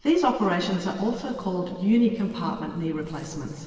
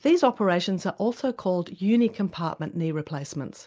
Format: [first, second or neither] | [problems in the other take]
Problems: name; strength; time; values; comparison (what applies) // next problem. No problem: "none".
second | noise reduction (neural separator model SepFormer DNS4)